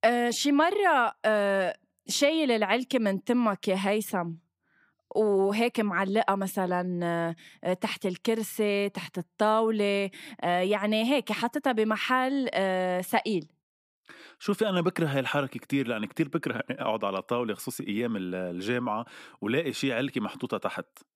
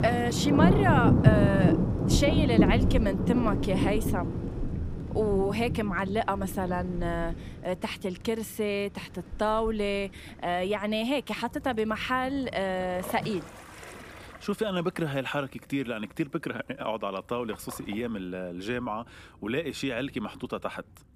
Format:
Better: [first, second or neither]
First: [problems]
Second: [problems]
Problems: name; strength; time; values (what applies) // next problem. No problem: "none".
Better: first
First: none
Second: rain or running water; very loud; throughout; 3 dB above the speech